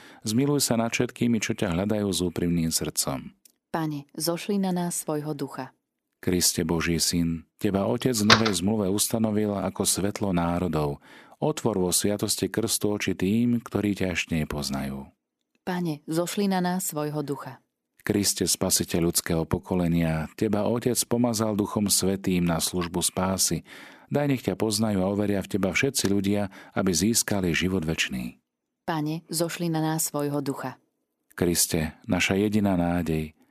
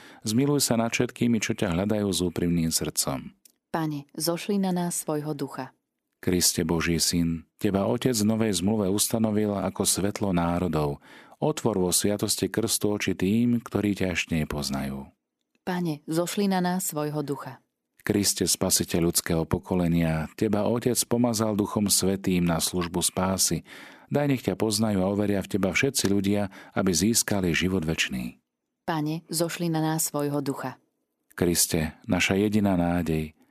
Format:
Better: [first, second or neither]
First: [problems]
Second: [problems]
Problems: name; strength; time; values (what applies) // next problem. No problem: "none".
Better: second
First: door banging; loud; at 8.5 s; peak 6 dB above the speech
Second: none